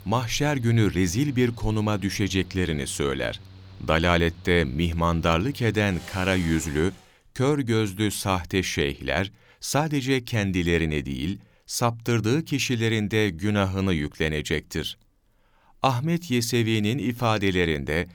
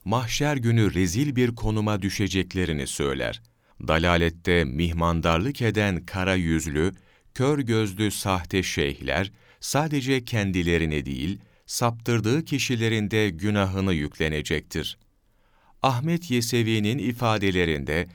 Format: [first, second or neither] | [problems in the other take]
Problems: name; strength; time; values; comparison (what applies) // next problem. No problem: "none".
second | machinery noise; faint; until 7 s; 20 dB below the speech